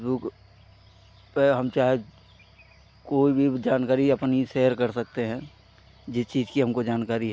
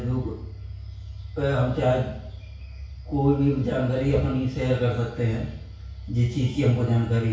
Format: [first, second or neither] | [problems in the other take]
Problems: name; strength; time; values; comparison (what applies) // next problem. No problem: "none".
first | room echo; dies away in 0.6 s